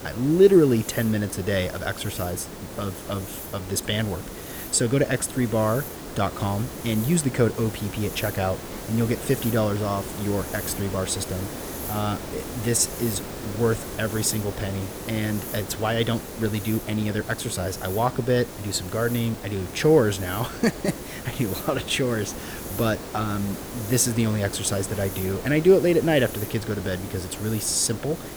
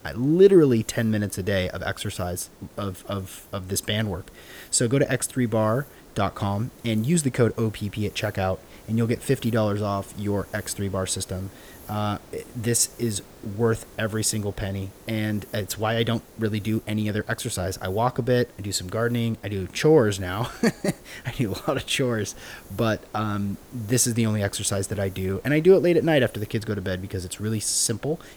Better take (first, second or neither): second